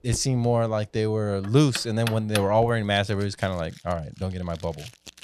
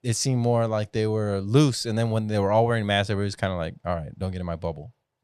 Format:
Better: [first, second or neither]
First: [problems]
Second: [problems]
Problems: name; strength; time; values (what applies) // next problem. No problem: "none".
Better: second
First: household noises; noticeable; throughout; 10 dB below the speech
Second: none